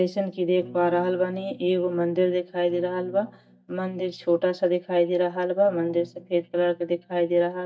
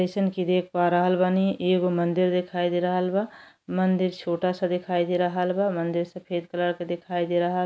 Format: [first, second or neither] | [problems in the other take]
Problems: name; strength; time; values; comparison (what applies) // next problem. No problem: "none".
second | noise reduction (neural mask model DeepFilterNet 3)